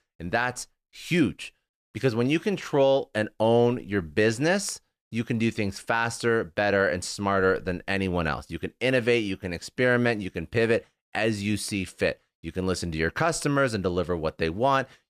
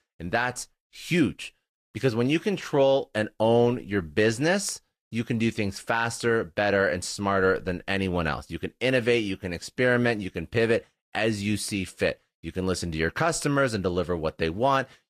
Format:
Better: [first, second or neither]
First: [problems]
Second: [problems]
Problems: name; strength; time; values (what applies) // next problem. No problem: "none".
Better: first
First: none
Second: garbled, watery; slightly; nothing above 14.5 kHz